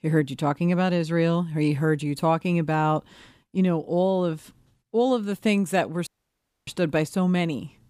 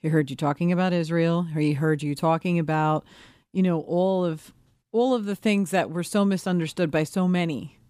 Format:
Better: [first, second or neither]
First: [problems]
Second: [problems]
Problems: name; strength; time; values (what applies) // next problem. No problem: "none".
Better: second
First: audio cutting out; at 6 s for 0.5 s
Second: none